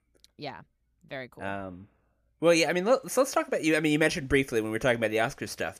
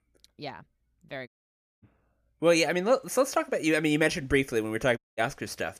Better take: first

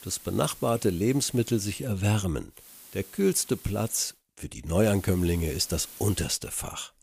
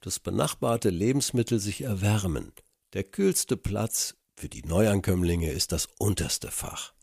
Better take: second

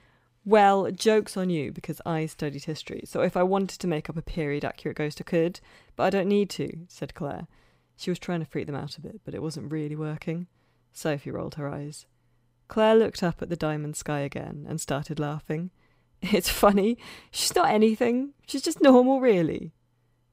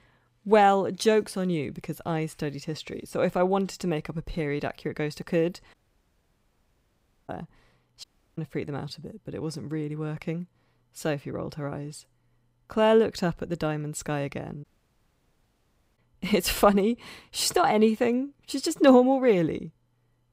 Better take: first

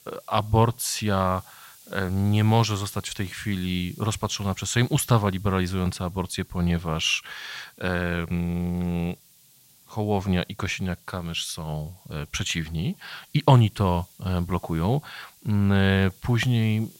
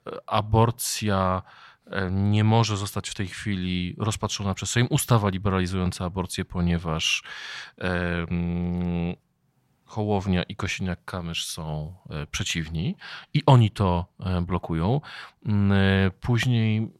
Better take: second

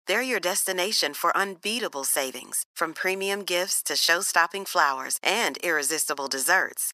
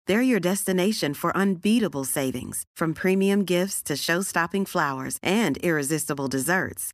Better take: second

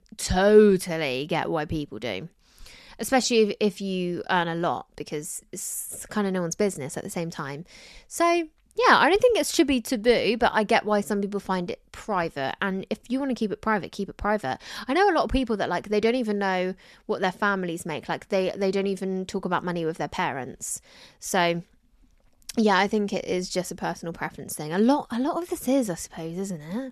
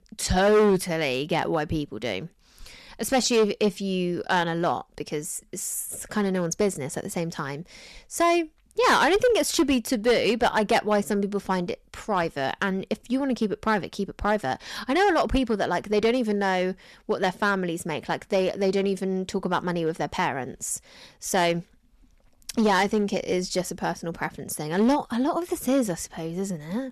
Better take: first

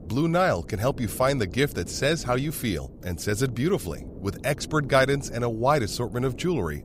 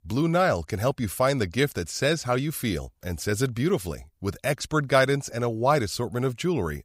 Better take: second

